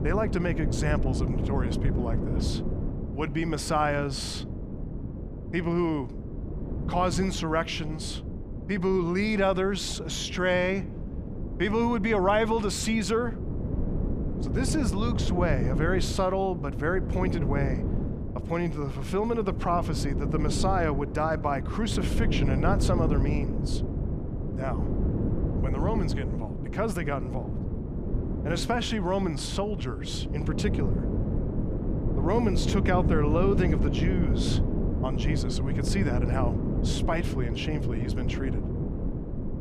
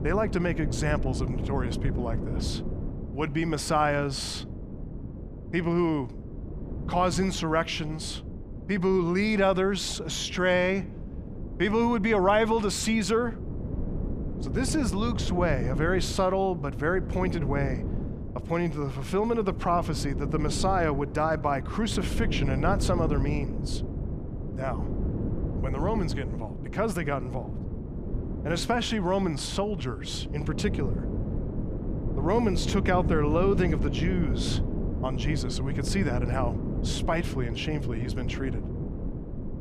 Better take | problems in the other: second | wind noise on the microphone; heavy; 8 dB below the speech; occasional gusts in the second

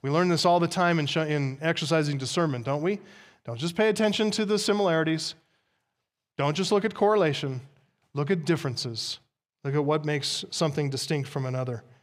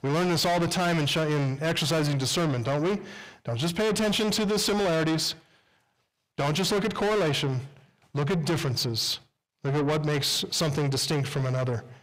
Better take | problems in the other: first | distortion; heavy; 6 dB below the speech

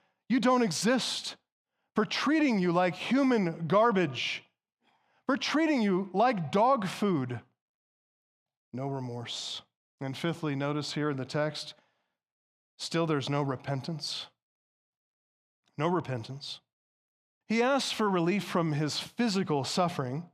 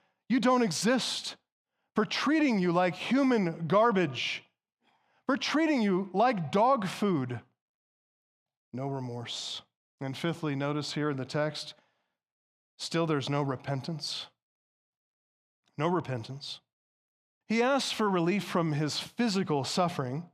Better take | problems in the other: neither | none

